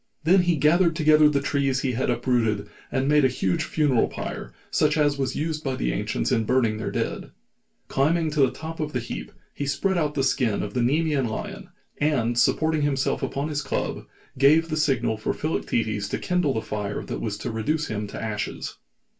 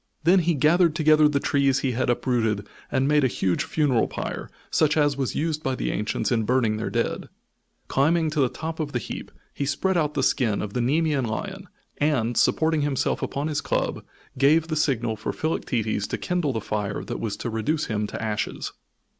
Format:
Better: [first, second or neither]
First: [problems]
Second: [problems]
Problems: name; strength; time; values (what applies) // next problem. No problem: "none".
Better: second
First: room echo; dies away in 0.2 s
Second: none